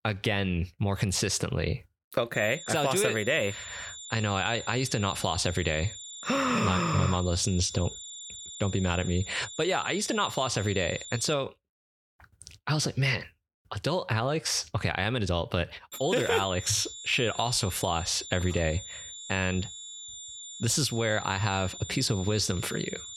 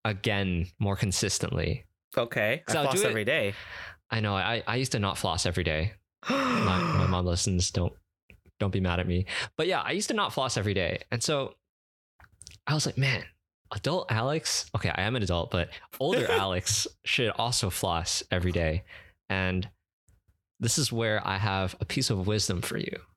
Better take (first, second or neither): second